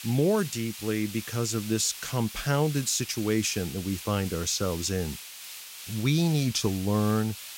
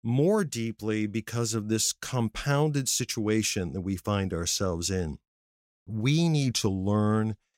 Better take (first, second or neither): second